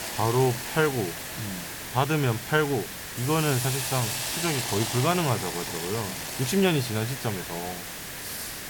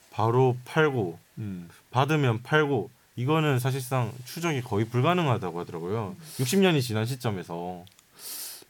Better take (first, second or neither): second